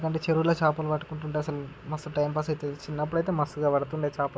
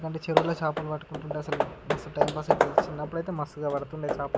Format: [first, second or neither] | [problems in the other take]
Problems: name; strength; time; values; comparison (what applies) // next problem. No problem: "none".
first | background sound (Hammer / Wood); 3 dB above the speech